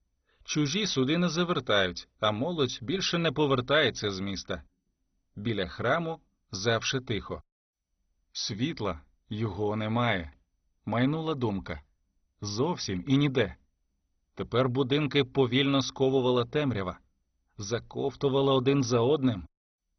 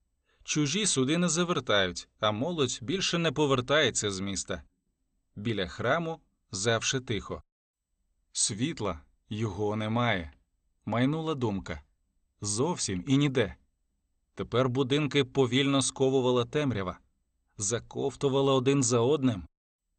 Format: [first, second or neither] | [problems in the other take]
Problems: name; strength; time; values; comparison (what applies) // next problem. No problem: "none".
second | garbled, watery; badly; nothing above 6 kHz; slightly in the second